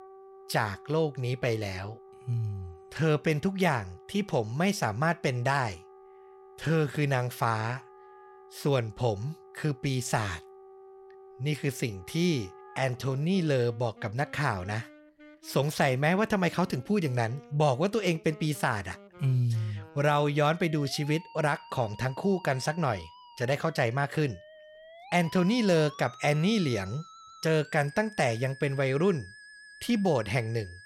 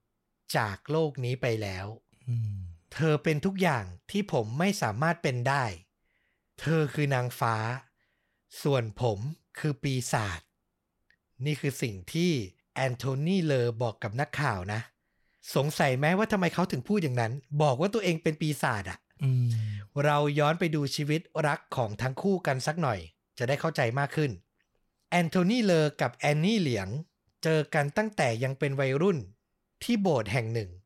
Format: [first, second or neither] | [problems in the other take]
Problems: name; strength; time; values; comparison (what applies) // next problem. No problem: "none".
second | background music; faint; throughout; 20 dB below the speech